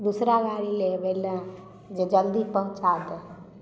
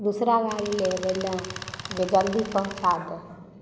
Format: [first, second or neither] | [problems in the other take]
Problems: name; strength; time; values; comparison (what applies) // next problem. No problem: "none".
first | background sound (Tools); 11 dB below the speech